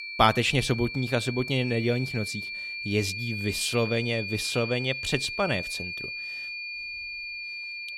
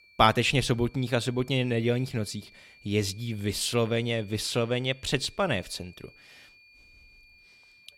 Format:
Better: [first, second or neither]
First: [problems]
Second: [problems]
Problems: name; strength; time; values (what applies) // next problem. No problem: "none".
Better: second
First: high-pitched whine; loud; throughout; 2.5 kHz, 6 dB below the speech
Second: high-pitched whine; faint; throughout; 2.5 kHz, 25 dB below the speech